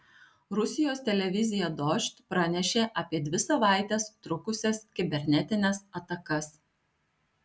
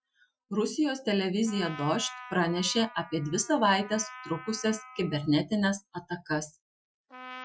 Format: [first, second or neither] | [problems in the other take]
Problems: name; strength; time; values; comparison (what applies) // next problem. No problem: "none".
first | noise reduction (classical method Wiener filter)